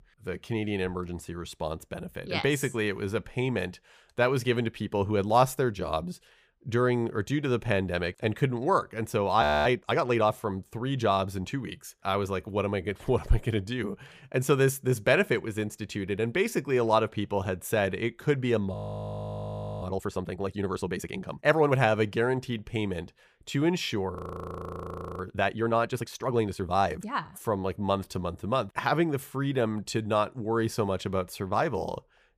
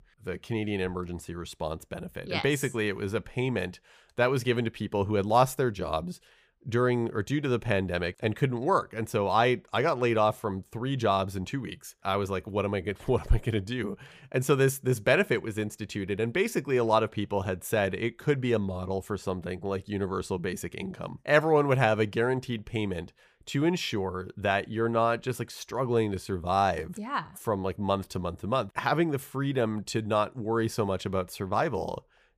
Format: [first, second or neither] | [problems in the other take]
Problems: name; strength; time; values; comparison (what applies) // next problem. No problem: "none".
second | audio freezing; at 9.5 s, at 19 s for 1 s and at 24 s for 1 s